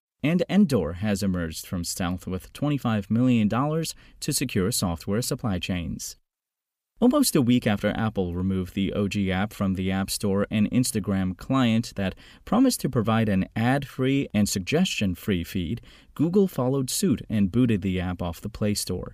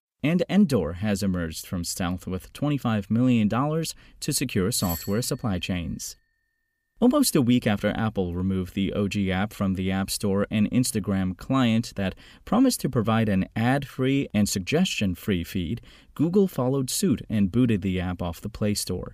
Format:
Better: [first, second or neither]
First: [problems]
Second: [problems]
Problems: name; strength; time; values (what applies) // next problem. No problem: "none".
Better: first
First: none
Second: doorbell; noticeable; at 5 s; peak 9 dB below the speech